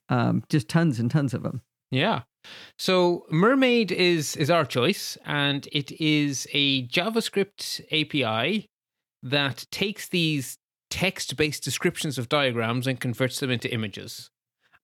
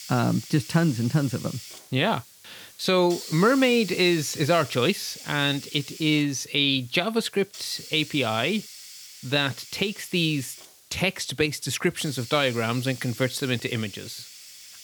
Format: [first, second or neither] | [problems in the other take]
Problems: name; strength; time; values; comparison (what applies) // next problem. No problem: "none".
first | hiss; noticeable; throughout; 15 dB below the speech